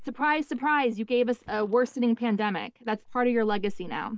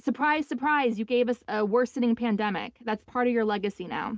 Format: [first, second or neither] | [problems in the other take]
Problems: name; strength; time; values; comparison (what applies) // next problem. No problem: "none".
second | noise reduction (neural mask model DeepFilterNet 3)